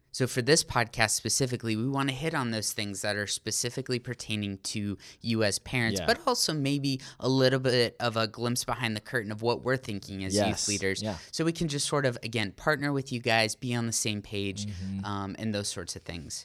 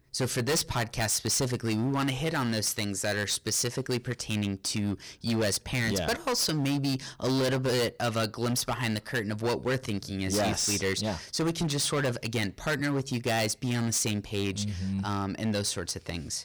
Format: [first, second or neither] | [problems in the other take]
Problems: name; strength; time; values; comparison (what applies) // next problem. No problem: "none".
first | distortion; heavy; 15% of the sound clipped